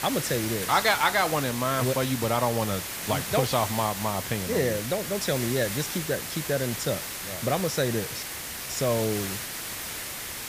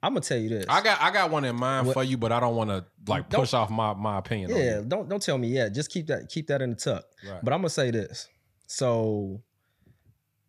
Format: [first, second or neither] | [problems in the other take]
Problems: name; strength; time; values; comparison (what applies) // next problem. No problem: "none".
second | hiss; loud; throughout; 5 dB below the speech